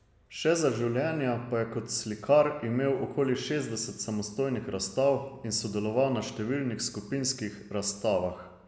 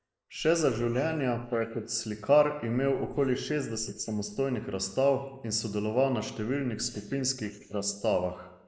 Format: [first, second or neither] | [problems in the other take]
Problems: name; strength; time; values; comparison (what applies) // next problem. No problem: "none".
first | noise reduction (neural mask model Resemble Enhance denoiser)